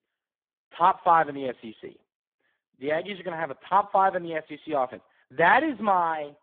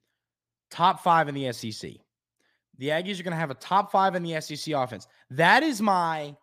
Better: second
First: phone-call audio; poor line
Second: none

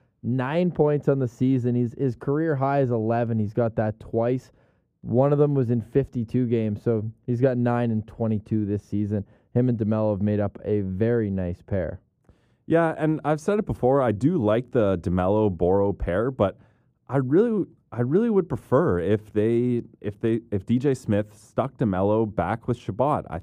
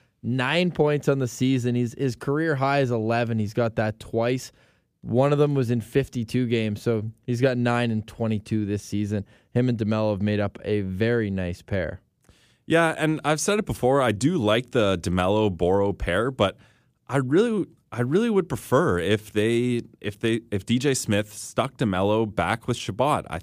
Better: second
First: muffled; very; fading above 1.5 kHz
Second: none

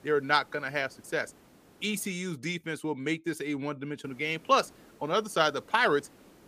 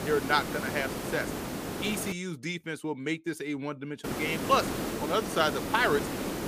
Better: first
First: hiss; faint; until 2 s and from 4 s on; 25 dB below the speech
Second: hiss; loud; until 2 s and from 4 s on; 4 dB below the speech

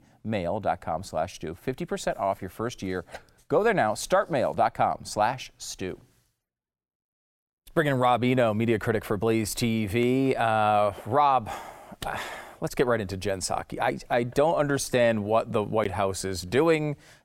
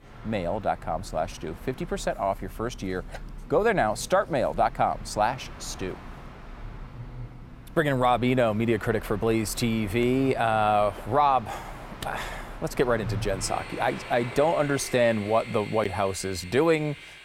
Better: first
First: none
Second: train or aircraft noise; noticeable; throughout; 15 dB below the speech

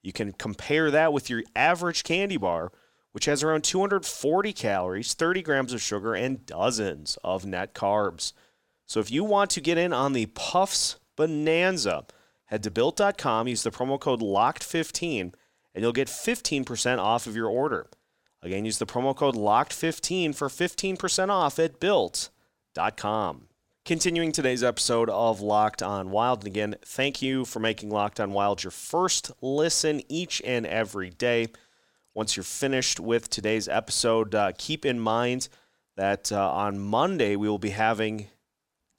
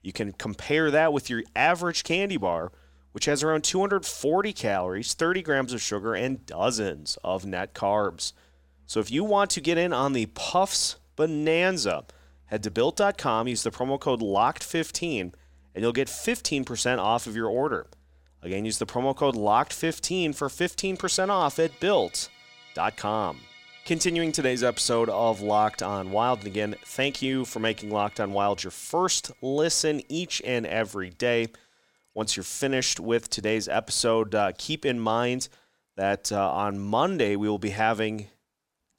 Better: first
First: none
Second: background music; faint; throughout; 25 dB below the speech

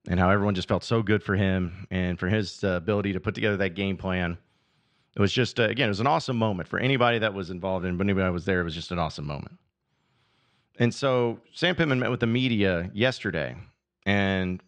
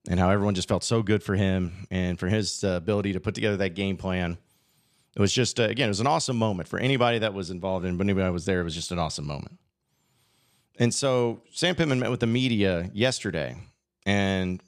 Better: second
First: muffled; slightly; fading above 3 kHz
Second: none

